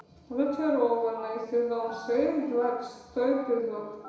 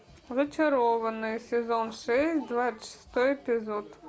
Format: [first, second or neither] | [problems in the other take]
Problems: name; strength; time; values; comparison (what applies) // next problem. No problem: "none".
second | background sound (Telephone); 19 dB below the speech // room echo; dies away in 1 s